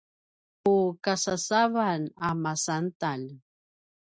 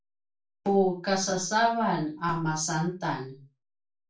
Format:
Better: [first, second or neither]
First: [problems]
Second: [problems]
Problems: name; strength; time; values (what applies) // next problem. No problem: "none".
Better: first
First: none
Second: room echo; dies away in 0.3 s